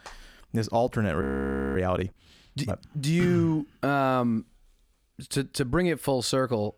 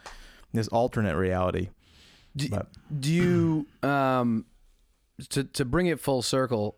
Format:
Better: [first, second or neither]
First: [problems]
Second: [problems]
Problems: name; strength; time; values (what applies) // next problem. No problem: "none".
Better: second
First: audio freezing; at 1 s for 0.5 s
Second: none